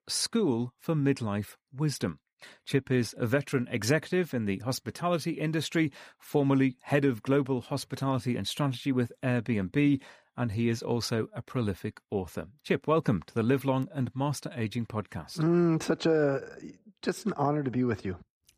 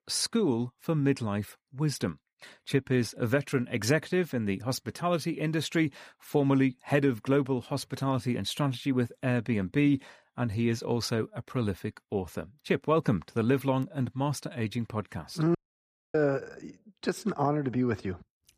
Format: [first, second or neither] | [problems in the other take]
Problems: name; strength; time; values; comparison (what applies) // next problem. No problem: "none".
first | audio cutting out; at 16 s for 0.5 s